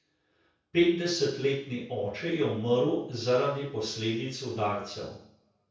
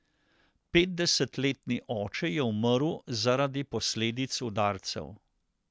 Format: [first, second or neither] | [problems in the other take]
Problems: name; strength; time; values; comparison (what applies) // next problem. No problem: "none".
second | room echo; dies away in 0.6 s